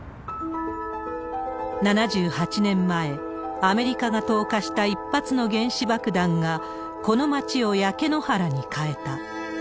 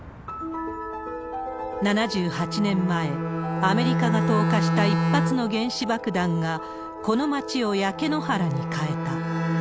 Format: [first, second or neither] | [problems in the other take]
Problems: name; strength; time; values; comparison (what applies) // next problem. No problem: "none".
first | background sound (Bowed string instrument); 2 dB below the speech